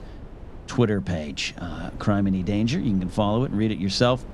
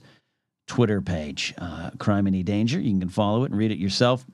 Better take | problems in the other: second | wind noise on the microphone; occasional gusts; 20 dB below the speech

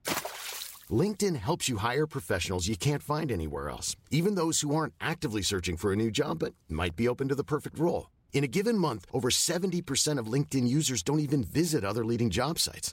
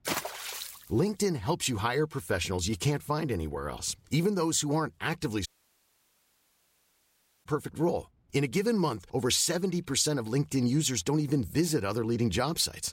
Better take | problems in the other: first | audio cutting out; at 5.5 s for 2 s

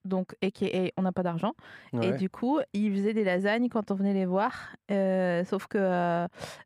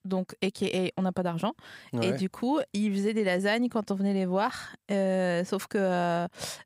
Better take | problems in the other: second | muffled; slightly; fading above 3.5 kHz

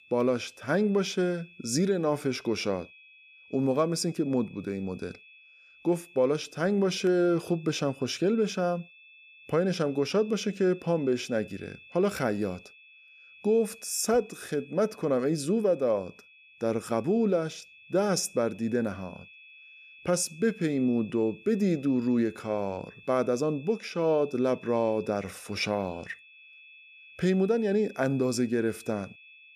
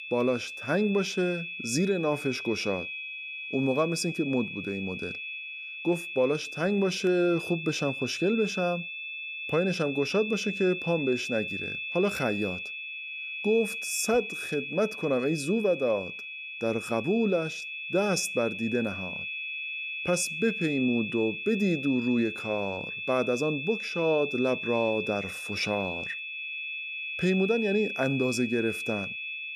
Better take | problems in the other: first | high-pitched whine; loud; throughout; 2.5 kHz, 5 dB below the speech; faint in the first

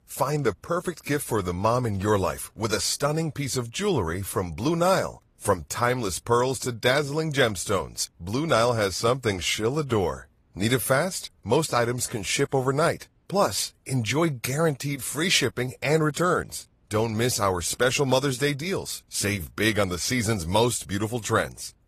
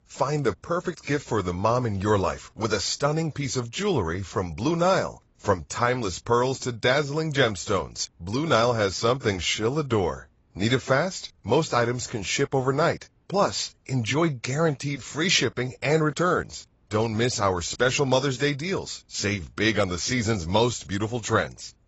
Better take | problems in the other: first | garbled, watery; badly; nothing above 7.5 kHz; slightly in the first

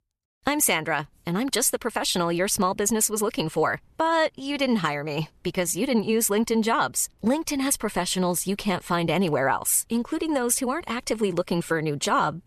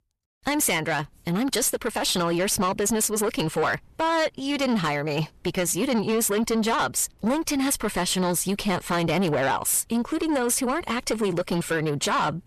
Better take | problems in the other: first | distortion; slight; 10 dB below the speech

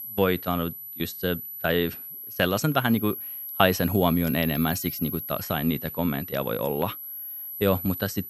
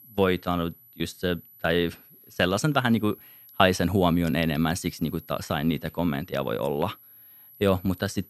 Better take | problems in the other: second | high-pitched whine; loud; throughout; 12 kHz, 8 dB below the speech; faint in the second

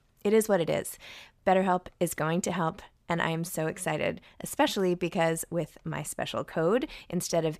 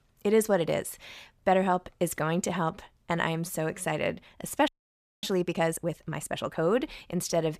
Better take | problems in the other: first | audio freezing; at 4.5 s for 0.5 s

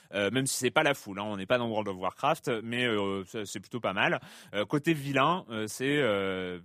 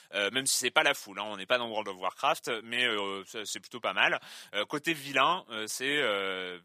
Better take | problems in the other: first | thin; somewhat; fading below 850 Hz

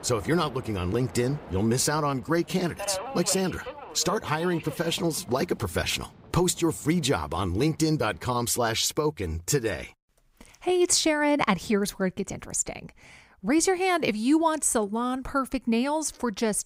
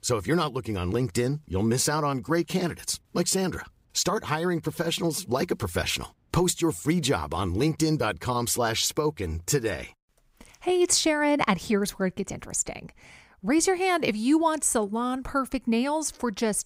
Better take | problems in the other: second | train or aircraft noise; noticeable; until 8.5 s; 15 dB below the speech

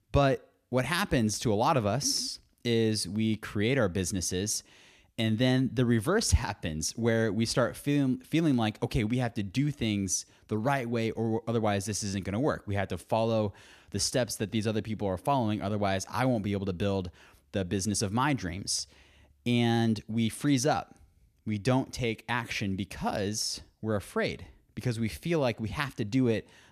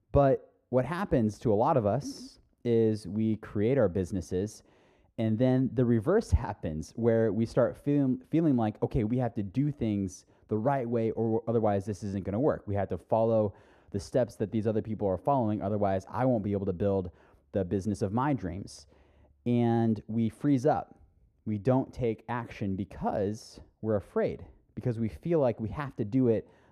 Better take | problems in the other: first | muffled; very; fading above 2 kHz

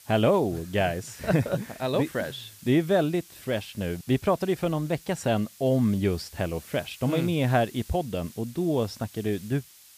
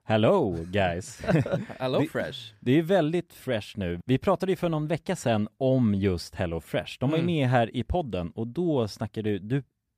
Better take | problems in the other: second | hiss; faint; throughout; 20 dB below the speech

